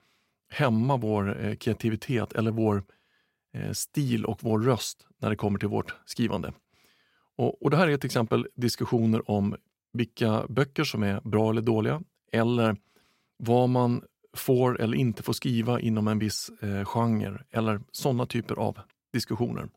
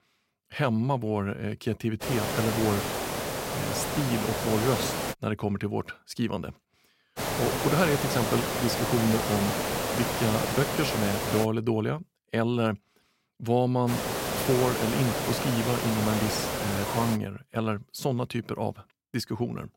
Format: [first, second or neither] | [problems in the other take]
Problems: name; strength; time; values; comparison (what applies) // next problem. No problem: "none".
first | hiss; loud; from 2 to 5 s, from 7 to 11 s and from 14 to 17 s; 1 dB below the speech